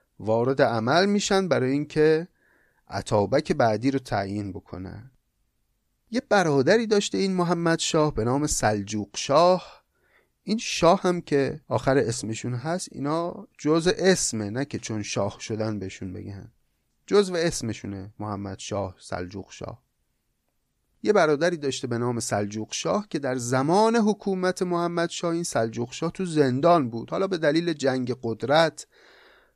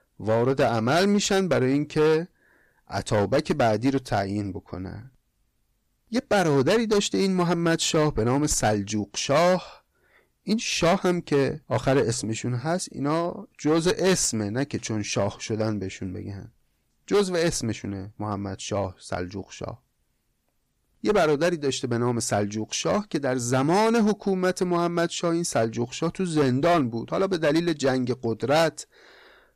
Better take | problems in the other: first | distortion; slight; 6% of the sound clipped

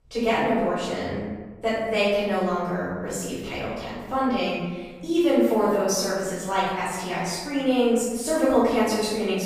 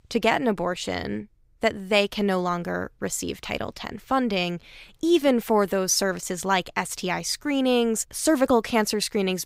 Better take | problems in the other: second | off-mic speech; far // room echo; strong; dies away in 1.3 s

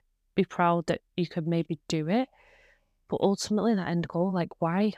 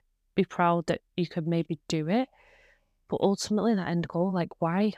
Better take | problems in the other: neither | none

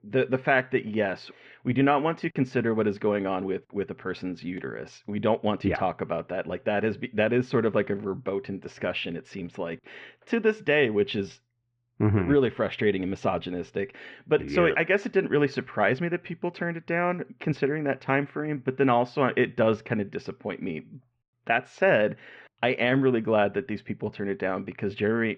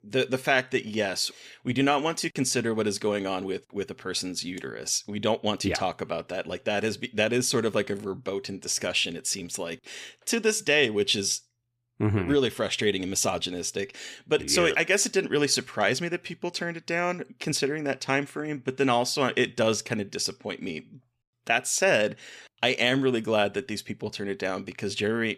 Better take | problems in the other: second | muffled; very; fading above 2 kHz

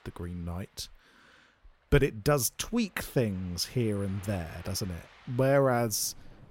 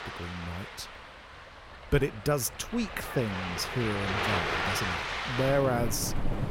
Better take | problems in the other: first | rain or running water; loud; throughout; 1 dB below the speech; faint in the first

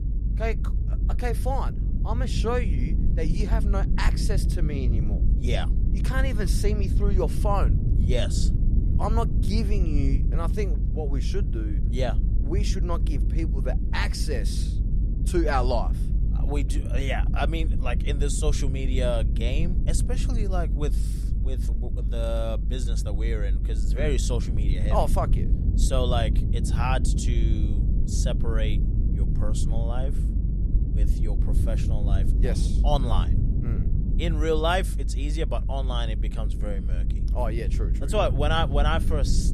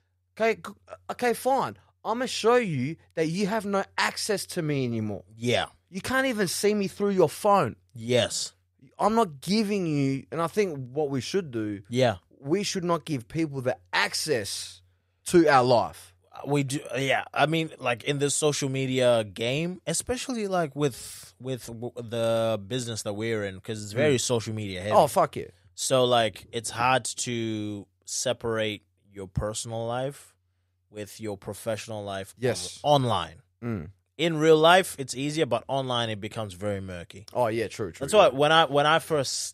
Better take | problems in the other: second | low rumble; loud; throughout; 10 dB below the speech

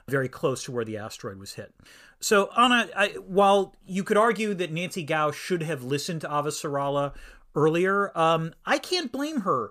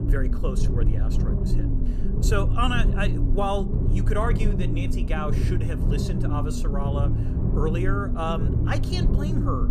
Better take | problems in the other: first | low rumble; loud; throughout; 5 dB below the speech

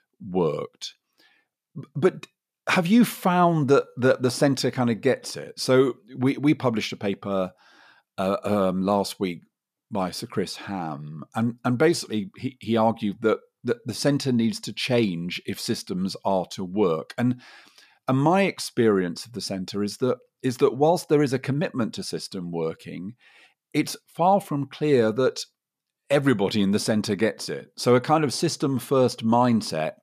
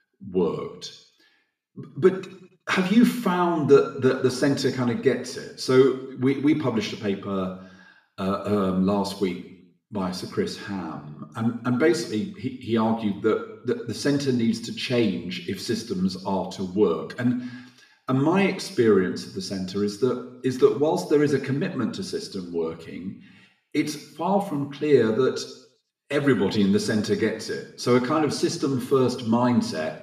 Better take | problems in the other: first | room echo; slight; dies away in 0.7 s // off-mic speech; far

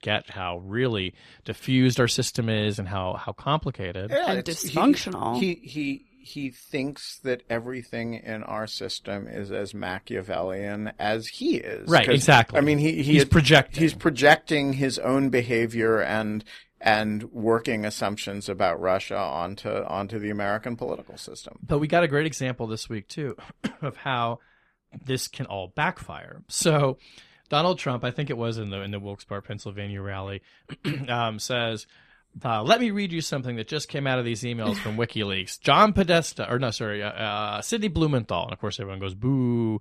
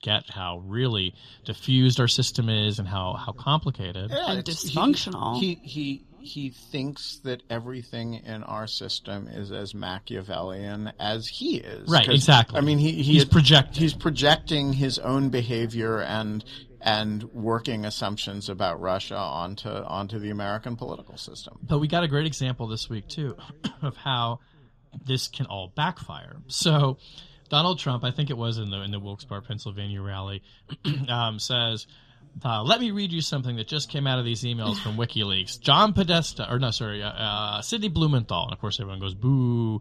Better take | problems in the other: first | room echo; slight; dies away in 3 s

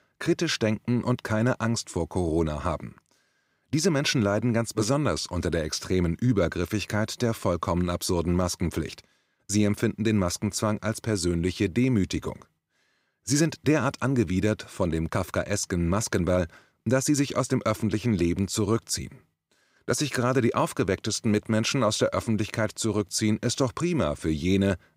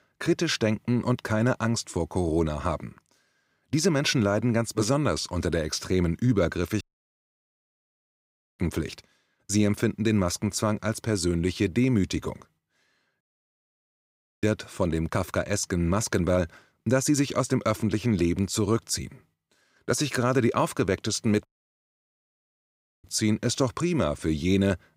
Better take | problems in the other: first | audio cutting out; at 7 s for 2 s, at 13 s for 1 s and at 21 s for 1.5 s

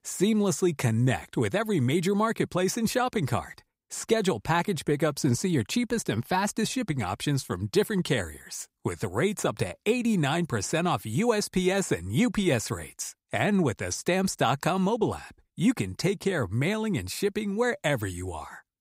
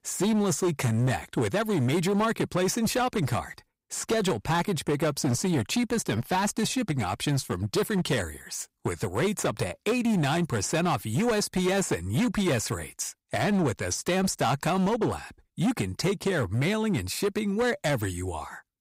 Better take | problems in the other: first | distortion; slight; 13% of the sound clipped

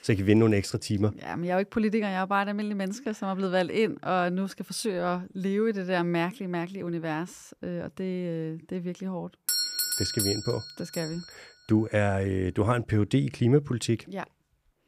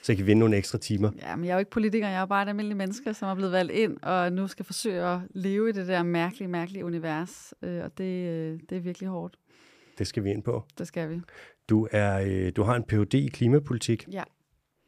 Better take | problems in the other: second | doorbell; loud; from 9.5 to 11 s; peak 3 dB above the speech

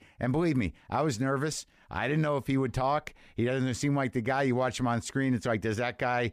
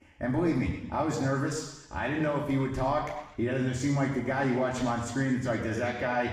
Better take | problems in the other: first | room echo; noticeable; dies away in 0.9 s // off-mic speech; far

